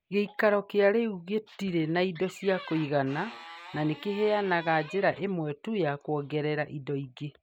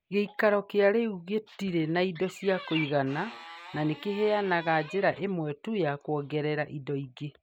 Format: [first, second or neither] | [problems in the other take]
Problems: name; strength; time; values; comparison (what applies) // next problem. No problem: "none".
first | background sound (Bird); 13 dB below the speech